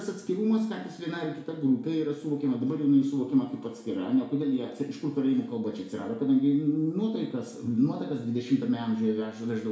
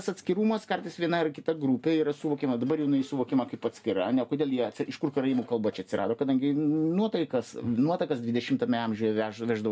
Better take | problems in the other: second | room echo; dies away in 0.6 s

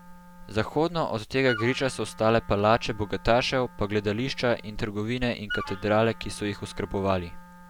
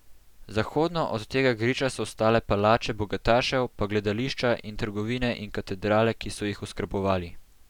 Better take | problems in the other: second | background sound (Wind instrument, woodwind instrument); 16 dB below the speech

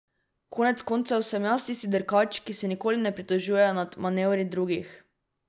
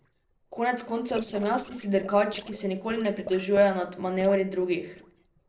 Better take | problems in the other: first | noise reduction (neural separator model SepFormer DNS4)

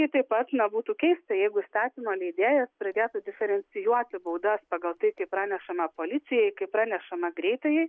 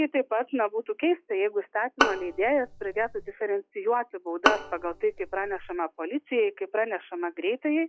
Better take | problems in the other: first | noise reduction (classical method log-MMSE)

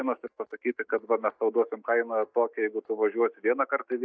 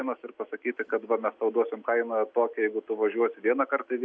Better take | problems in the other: second | noise reduction (neural mask model DeepFilterNet 3)

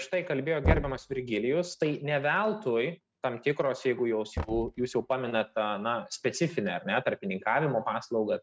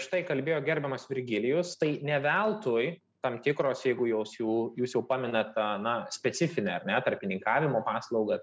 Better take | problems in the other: second | noise reduction (neural mask model RNNoise)

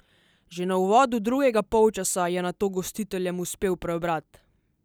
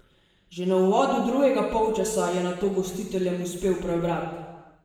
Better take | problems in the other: first | room echo; dies away in 1.2 s

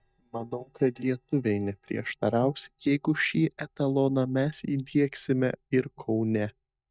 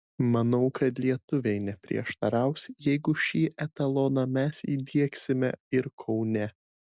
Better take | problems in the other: second | noise reduction (neural mask model DeepFilterNet 3)

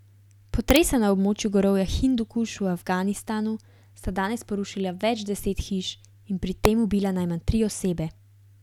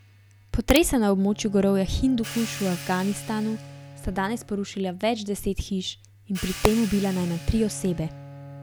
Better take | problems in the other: first | background sound (Hi-hat + Bowed string instrument); 15 dB below the speech

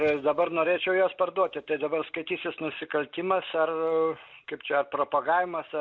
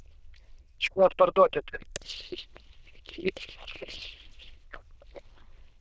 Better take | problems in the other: first | noise reduction (neural diffusion model UNIVERSE++)

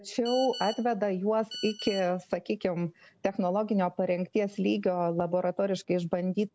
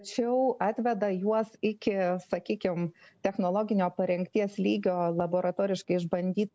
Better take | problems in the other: second | background sound (Telephone); 13 dB below the speech

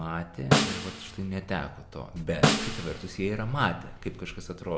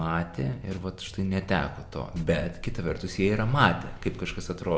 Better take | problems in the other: second | background sound (Snare drum); 2 dB above the speech

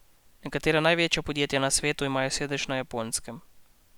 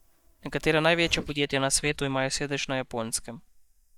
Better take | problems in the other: first | noise reduction (neural mask model DeepFilterNet 3)

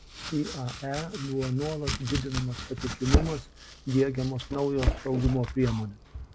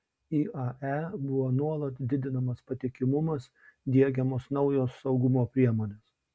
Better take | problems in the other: second | background sound (Domestic sounds, home sounds); 3 dB below the speech

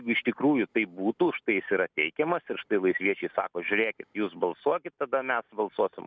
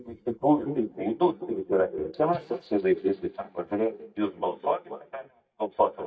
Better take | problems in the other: first | noise reduction (neural mask model DeepFilterNet 3)

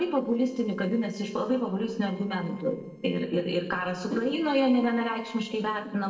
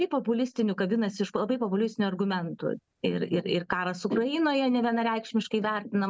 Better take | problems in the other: second | noise reduction (neural separator model SepFormer DNS4)

